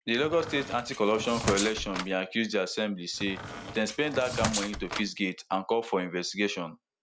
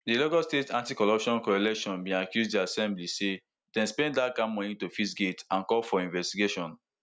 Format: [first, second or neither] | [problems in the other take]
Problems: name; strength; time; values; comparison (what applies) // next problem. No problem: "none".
second | background sound (Squeak); 6 dB below the speech